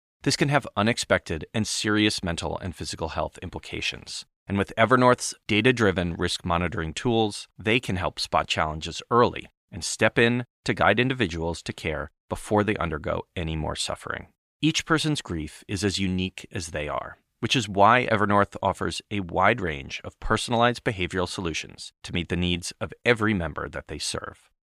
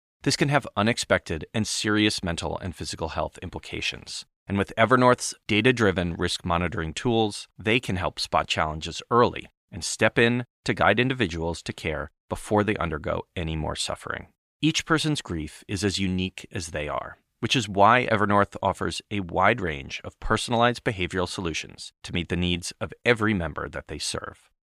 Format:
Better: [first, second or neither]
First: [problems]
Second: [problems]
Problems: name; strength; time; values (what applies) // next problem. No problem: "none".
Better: neither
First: none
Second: none